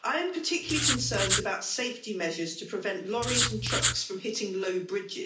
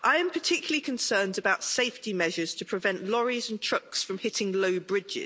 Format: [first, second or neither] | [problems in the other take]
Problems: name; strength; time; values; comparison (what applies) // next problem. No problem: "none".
second | background sound (Writing); 3 dB above the speech // room echo; dies away in 0.4 s